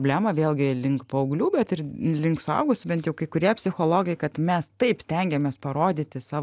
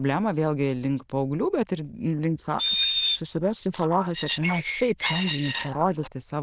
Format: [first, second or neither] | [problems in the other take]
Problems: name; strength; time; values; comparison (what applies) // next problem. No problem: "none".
first | noise reduction (neural diffusion model UNIVERSE++)